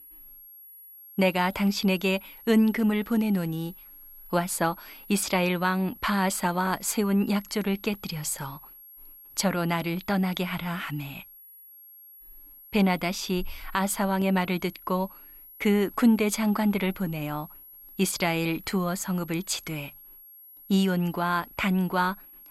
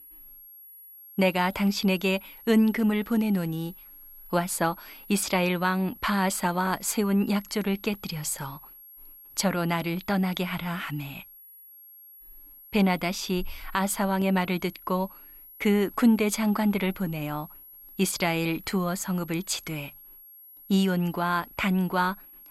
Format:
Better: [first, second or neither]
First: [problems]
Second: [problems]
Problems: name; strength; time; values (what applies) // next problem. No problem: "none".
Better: neither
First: high-pitched whine; noticeable; throughout; 11.5 kHz, 20 dB below the speech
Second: high-pitched whine; noticeable; throughout; 11.5 kHz, 20 dB below the speech